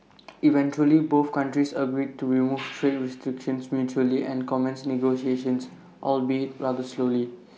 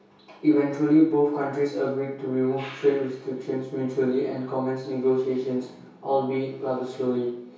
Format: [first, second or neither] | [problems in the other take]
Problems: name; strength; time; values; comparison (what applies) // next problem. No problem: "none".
first | room echo; dies away in 0.6 s